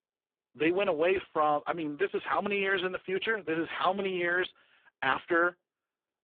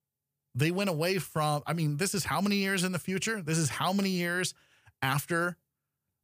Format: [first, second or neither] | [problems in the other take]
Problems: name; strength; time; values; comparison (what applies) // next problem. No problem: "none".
second | phone-call audio; poor line